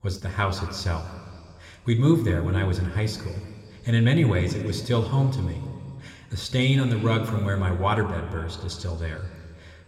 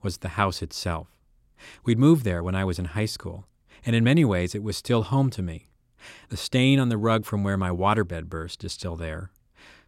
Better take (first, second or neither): second